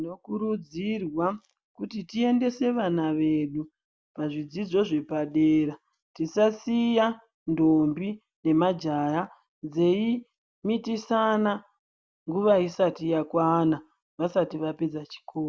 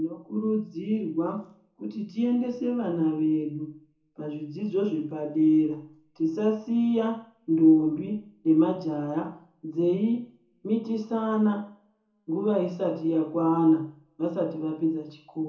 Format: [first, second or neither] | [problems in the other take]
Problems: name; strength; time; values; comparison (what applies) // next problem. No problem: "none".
first | room echo; dies away in 0.6 s